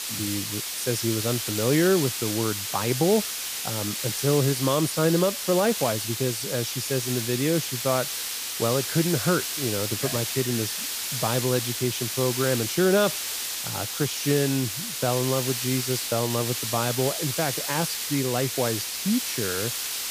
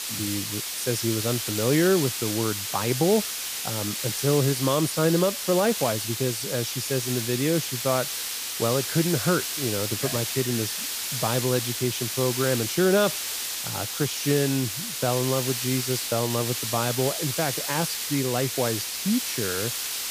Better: neither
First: hiss; loud; throughout; 2 dB below the speech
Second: hiss; loud; throughout; 2 dB below the speech

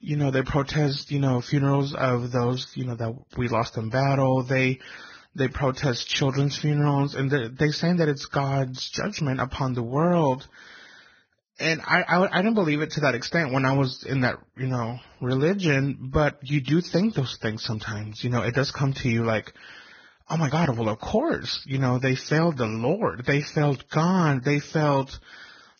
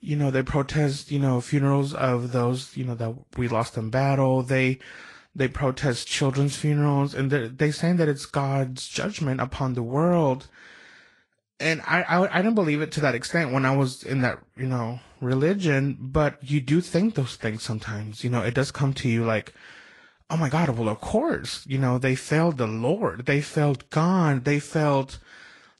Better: second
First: garbled, watery; badly; nothing above 6.5 kHz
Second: garbled, watery; slightly; nothing above 11 kHz

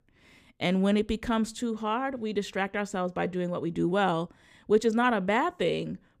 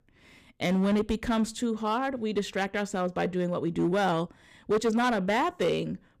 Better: first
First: none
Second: distortion; slight; 6% of the sound clipped

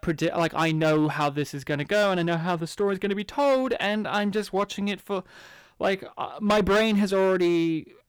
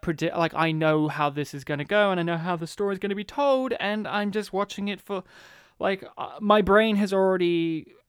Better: second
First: distortion; slight; 8% of the sound clipped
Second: none

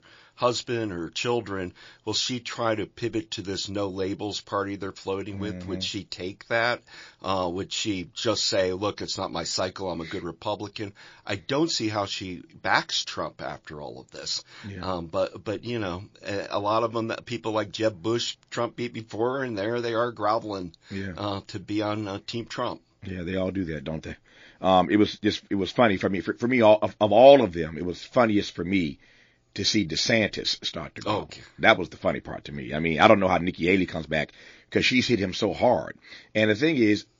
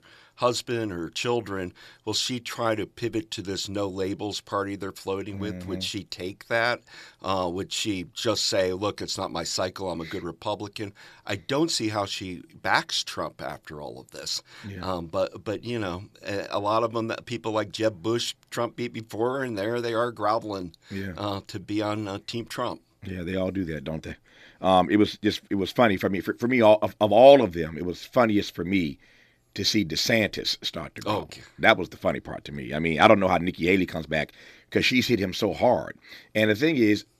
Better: second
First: garbled, watery; slightly; nothing above 7 kHz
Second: none

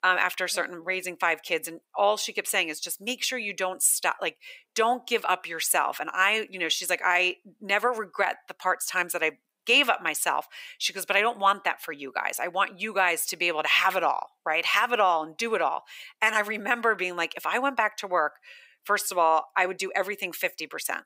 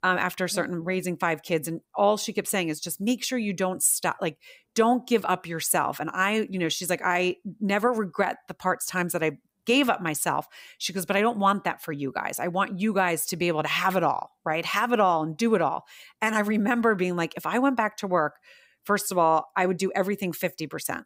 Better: second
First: thin; somewhat; fading below 500 Hz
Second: none

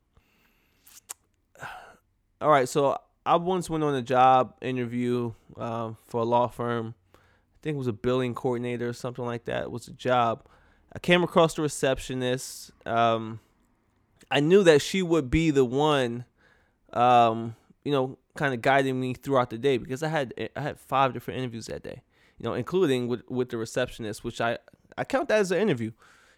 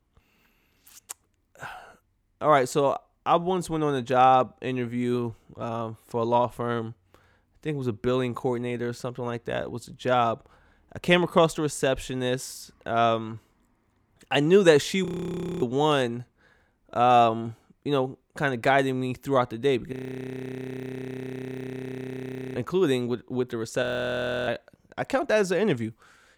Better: first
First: none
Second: audio freezing; at 15 s for 0.5 s, at 20 s for 2.5 s and at 24 s for 0.5 s

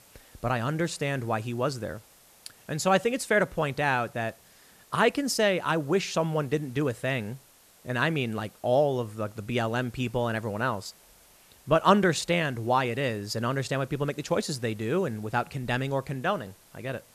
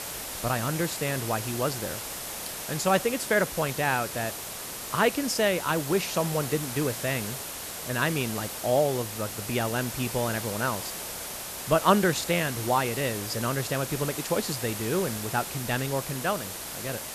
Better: first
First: hiss; faint; throughout; 25 dB below the speech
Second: hiss; loud; throughout; 6 dB below the speech

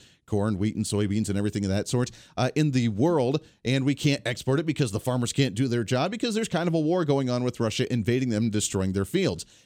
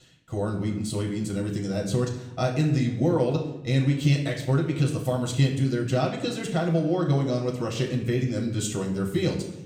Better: first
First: none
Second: room echo; slight; dies away in 0.7 s // off-mic speech; somewhat distant

